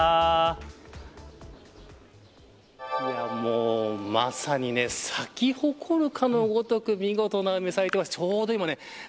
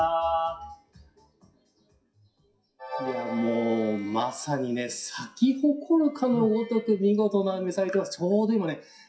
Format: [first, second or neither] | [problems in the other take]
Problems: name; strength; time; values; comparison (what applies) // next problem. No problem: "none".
first | noise reduction (classical method WPE with log-MMSE)